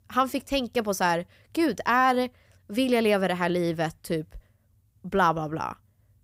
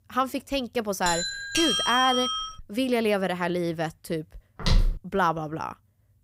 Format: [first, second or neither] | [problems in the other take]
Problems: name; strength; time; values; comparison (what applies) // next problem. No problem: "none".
first | doorbell; loud; from 1 to 2.5 s; peak 4 dB above the speech // footsteps; loud; at 4.5 s; peak 2 dB above the speech